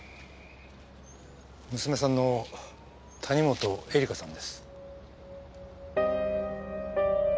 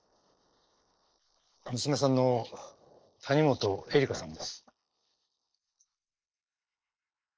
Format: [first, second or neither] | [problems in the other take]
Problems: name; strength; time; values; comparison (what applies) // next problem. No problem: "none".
first | noise reduction (neural mask model Resemble Enhance denoiser)